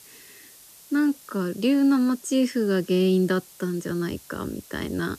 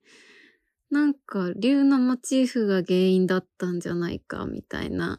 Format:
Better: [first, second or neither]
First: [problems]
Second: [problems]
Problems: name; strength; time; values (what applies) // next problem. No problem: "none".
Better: second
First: hiss; faint; throughout; 20 dB below the speech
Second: none